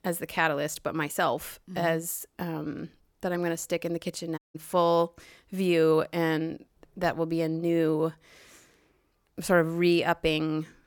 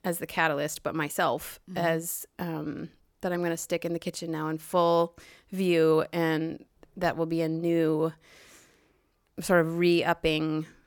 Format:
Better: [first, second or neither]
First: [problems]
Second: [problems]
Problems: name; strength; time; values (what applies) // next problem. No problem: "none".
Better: second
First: audio cutting out; at 4.5 s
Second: none